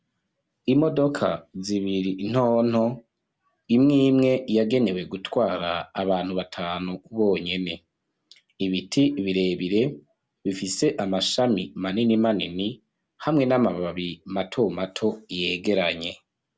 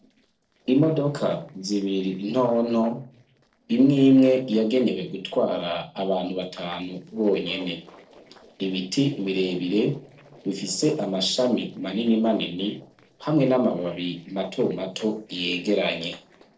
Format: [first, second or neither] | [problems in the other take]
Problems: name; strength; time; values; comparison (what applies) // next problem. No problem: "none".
first | noise reduction (neural separator model SepFormer DNS4)